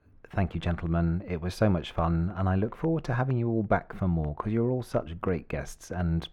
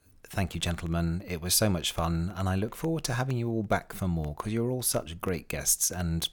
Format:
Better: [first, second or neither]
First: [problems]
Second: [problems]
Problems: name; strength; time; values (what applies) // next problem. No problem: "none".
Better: second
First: muffled; very; fading above 4 kHz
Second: none